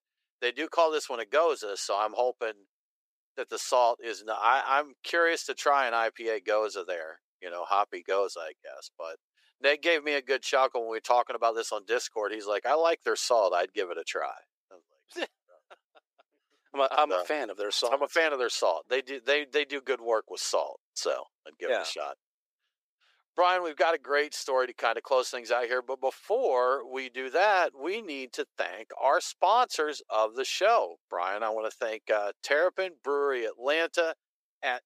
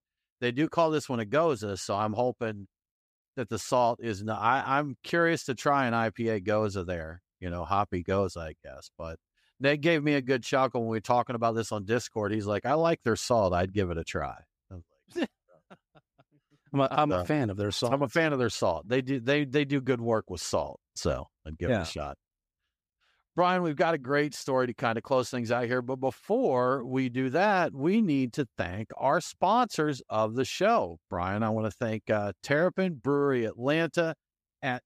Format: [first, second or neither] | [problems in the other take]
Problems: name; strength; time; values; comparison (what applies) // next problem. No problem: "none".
second | thin; very; fading below 400 Hz